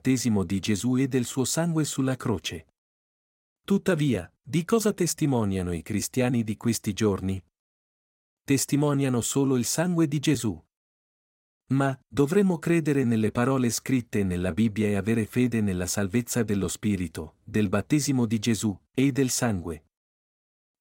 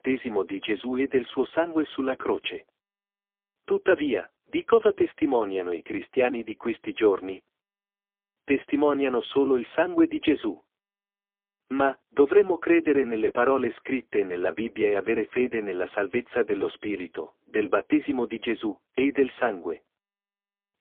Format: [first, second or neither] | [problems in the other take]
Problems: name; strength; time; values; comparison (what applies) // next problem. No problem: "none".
first | phone-call audio; poor line; nothing above 3.5 kHz